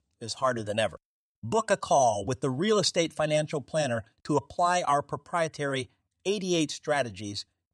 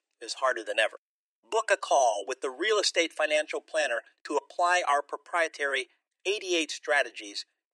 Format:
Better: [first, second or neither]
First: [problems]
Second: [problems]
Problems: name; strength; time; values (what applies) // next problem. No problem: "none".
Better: first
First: none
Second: thin; very; fading below 350 Hz